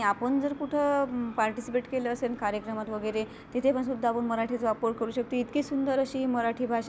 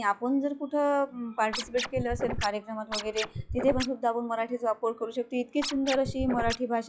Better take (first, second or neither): first